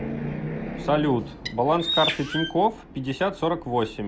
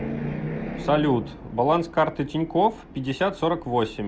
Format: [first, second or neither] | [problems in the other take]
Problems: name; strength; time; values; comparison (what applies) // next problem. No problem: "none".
second | background sound (Bird); 5 dB below the speech